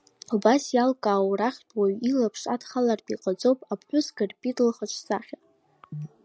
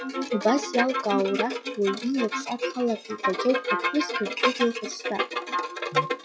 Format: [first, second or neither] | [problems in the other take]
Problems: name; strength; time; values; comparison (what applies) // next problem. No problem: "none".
first | noise reduction (classical method log-MMSE)